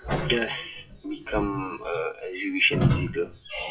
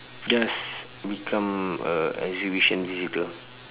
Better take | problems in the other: second | noise reduction (classical method WPE with log-MMSE)

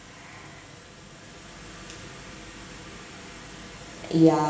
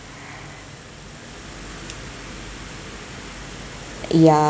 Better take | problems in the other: second | room echo; dies away in 0.9 s

